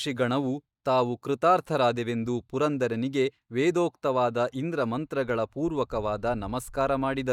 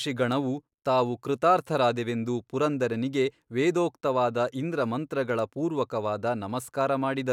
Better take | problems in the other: second | noise reduction (neural mask model DeepFilterNet 3)

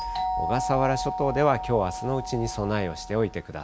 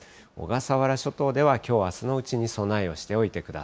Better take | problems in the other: second | background sound (Doorbell); 5 dB below the speech

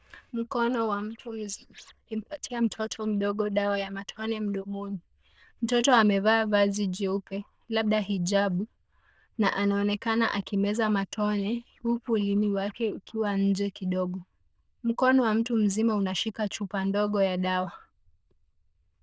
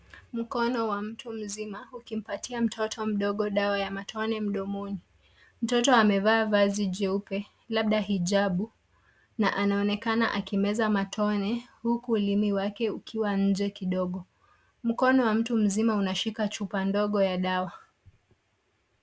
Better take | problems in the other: second | noise reduction (neural diffusion model UNIVERSE++)

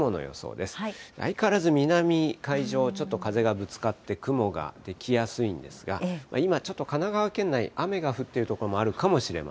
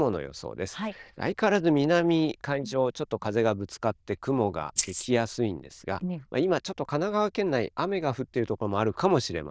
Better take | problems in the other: first | noise reduction (neural diffusion model UNIVERSE++)

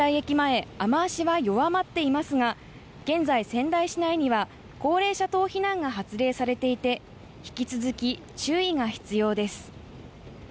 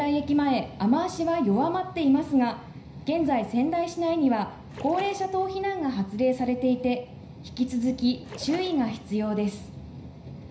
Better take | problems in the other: first | background sound (Splash, splatter); 18 dB below the speech // room echo; dies away in 0.5 s

